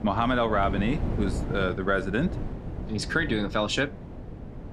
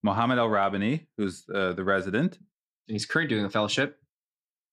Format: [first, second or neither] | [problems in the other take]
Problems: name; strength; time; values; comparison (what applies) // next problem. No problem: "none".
second | wind noise on the microphone; occasional gusts; 15 dB below the speech